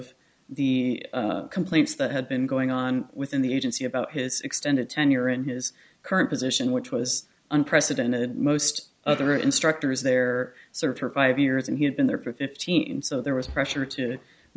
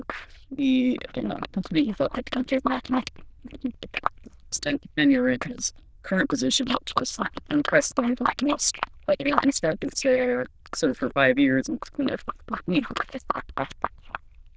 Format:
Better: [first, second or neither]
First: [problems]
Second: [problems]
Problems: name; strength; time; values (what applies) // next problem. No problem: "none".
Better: first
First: none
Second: noise reduction (neural diffusion model UNIVERSE++)